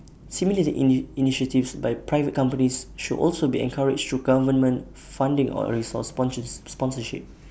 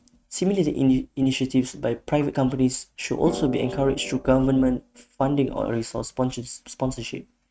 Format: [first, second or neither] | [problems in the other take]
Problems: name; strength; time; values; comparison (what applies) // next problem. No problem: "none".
first | noise reduction (neural mask model RNNoise)